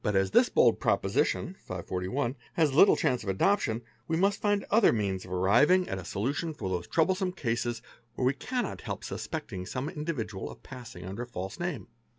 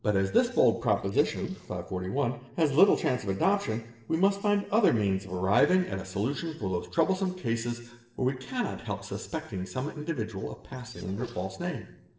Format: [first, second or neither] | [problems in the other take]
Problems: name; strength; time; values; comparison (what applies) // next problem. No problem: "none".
first | noise reduction (neural separator model SepFormer DNS4)